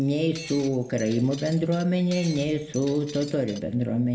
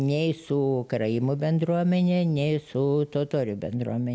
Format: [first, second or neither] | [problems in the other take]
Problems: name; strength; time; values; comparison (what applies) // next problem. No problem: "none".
second | background sound (Shatter); 18 dB below the speech // room echo; dies away in 0.6 s